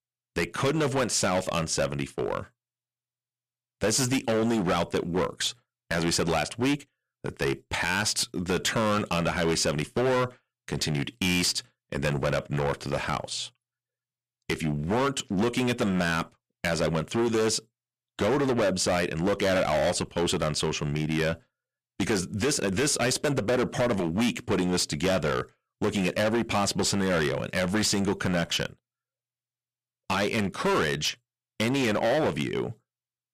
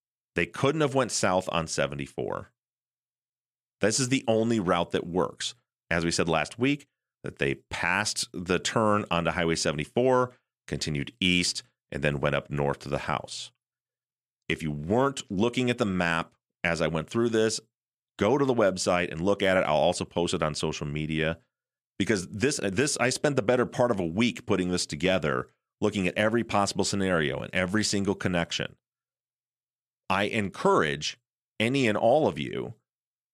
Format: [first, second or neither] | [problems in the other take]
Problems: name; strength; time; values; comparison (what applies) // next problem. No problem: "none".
second | distortion; heavy; 13% of the sound clipped